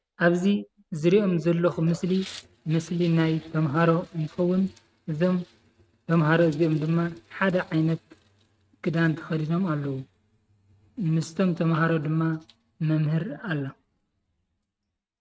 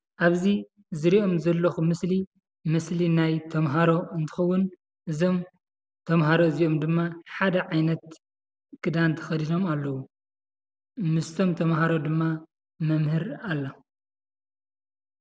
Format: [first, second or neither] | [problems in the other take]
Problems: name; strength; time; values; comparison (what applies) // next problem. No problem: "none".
second | noise reduction (neural mask model RNNoise)